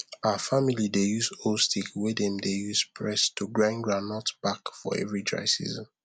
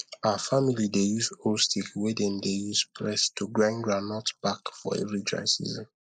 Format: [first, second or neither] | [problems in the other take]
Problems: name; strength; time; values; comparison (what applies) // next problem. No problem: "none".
first | noise reduction (neural mask model Resemble Enhance denoiser)